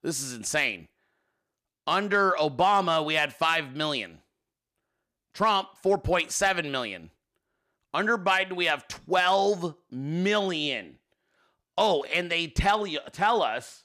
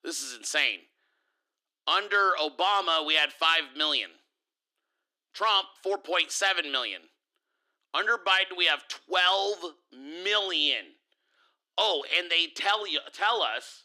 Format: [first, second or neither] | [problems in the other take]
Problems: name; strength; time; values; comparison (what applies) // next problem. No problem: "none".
first | thin; somewhat; fading below 300 Hz